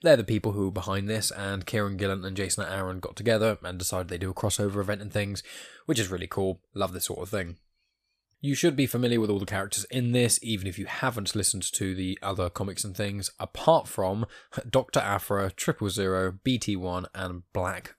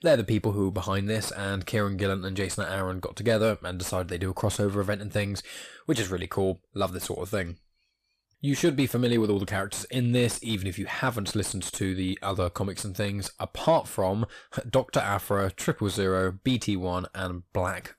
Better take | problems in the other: first | distortion; slight; 10 dB below the speech

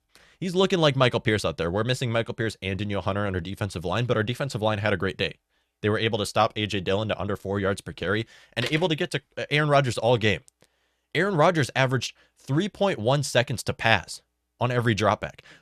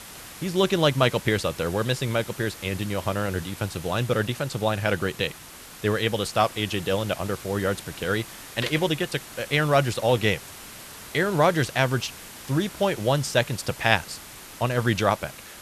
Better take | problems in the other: first | hiss; noticeable; throughout; 15 dB below the speech

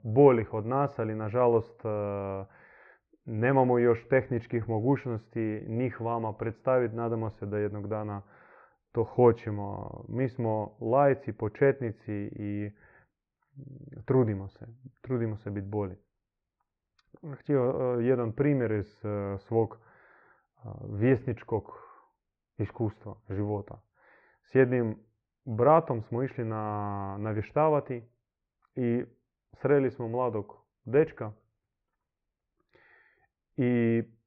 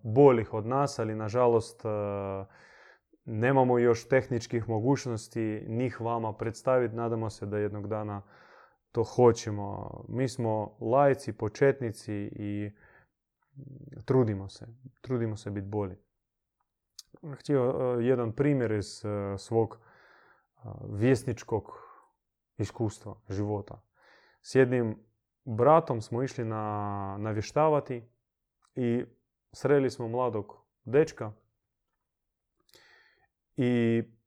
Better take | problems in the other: second | muffled; very; fading above 2.5 kHz

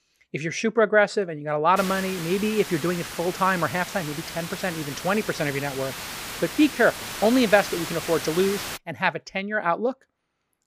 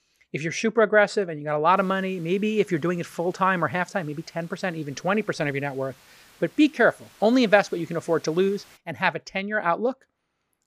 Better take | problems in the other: second | hiss; loud; from 2 to 9 s; 9 dB below the speech; faint in the second

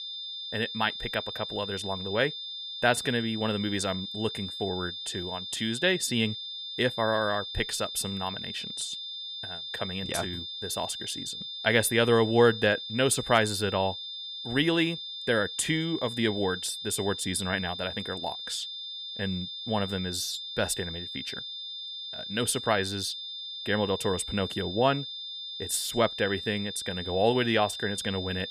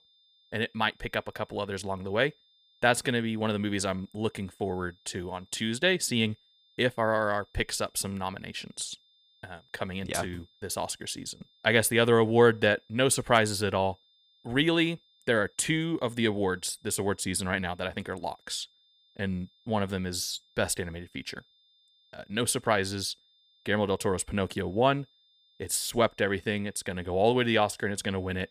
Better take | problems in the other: second | high-pitched whine; loud; throughout; 3.5 kHz, 7 dB below the speech; faint in the second

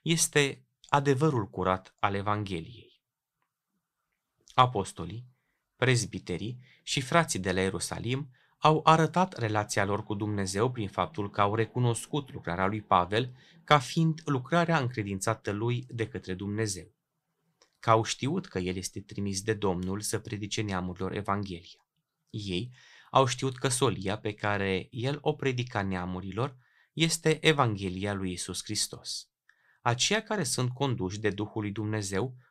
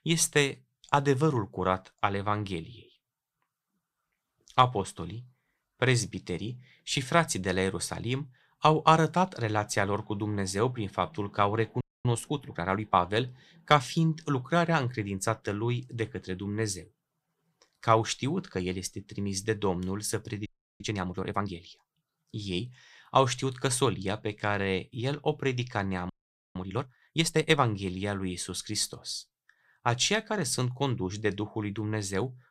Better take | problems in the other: first | audio freezing; at 12 s, at 20 s and at 26 s

